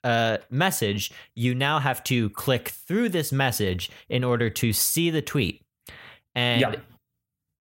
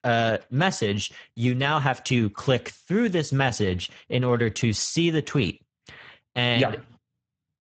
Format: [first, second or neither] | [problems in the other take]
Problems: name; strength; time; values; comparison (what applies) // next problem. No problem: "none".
first | garbled, watery; badly; nothing above 7.5 kHz